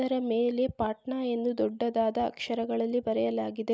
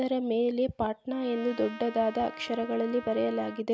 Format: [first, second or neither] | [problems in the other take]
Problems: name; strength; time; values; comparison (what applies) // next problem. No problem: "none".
first | background sound (Trumpet); 17 dB below the speech